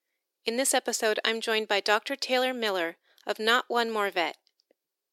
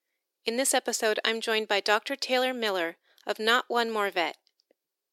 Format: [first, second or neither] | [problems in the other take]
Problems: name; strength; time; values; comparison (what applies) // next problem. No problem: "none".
neither | thin; somewhat; fading below 350 Hz; the same in both